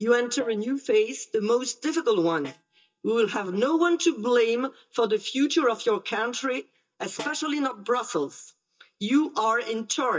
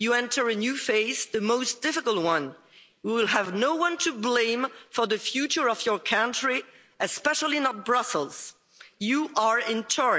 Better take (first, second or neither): second